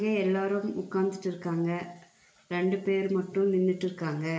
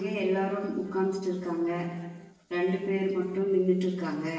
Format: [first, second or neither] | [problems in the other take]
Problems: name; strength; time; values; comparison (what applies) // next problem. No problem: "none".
first | noise reduction (neural separator model SepFormer DNS4)